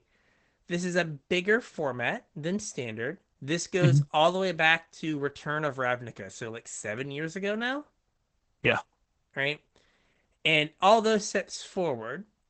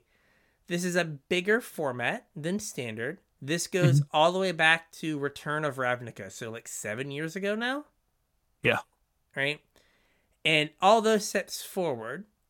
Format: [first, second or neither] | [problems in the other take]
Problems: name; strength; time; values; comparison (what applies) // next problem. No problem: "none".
second | garbled, watery; badly; nothing above 8 kHz